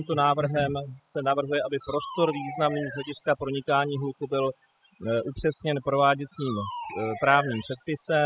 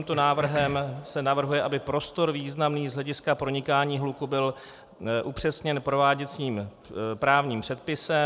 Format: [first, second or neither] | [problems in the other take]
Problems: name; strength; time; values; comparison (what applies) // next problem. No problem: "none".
second | noise reduction (classical method spectral subtraction)